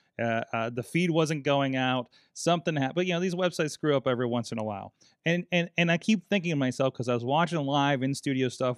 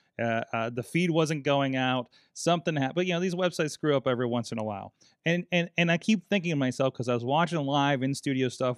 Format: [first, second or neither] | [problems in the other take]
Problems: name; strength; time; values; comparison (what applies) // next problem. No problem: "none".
neither | none